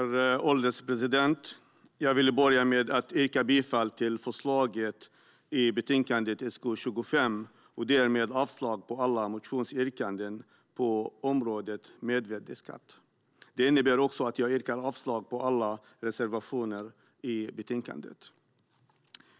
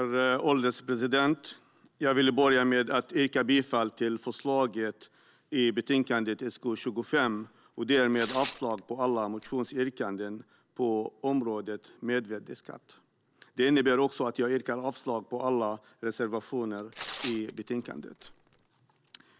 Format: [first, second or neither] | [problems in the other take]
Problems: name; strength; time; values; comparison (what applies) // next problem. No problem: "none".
first | background sound (Tearing); 16 dB below the speech